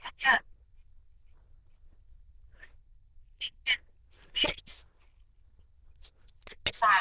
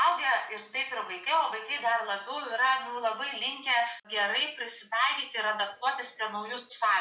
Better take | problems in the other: second | noise reduction (neural diffusion model UNIVERSE++)

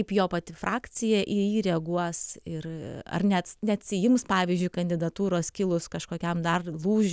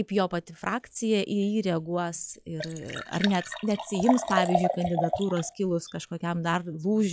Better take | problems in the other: first | noise reduction (classical method log-MMSE)

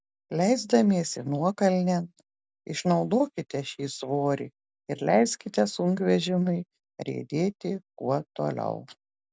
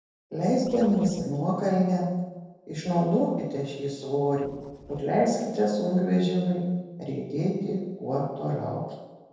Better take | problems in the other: first | noise reduction (neural separator model SepFormer DNS4)

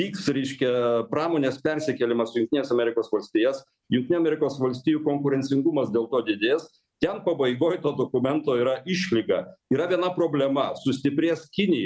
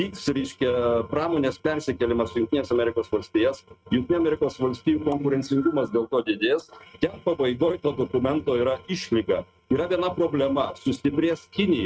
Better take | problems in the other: first | noise reduction (neural mask model RNNoise)

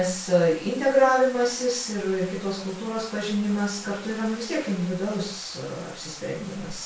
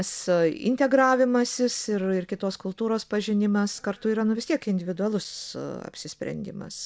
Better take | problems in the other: second | background sound (Bathtub (filling or washing)); 18 dB below the speech // room echo; dies away in 0.3 s

